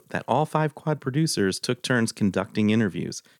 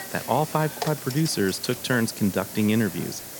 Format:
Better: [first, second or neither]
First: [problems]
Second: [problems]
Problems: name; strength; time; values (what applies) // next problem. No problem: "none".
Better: first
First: none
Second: hiss; loud; throughout; 9 dB below the speech